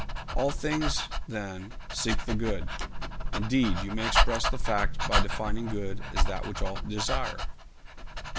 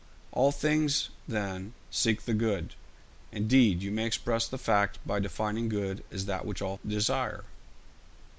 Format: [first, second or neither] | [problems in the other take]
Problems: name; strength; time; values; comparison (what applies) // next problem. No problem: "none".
second | background sound (Dog); 5 dB above the speech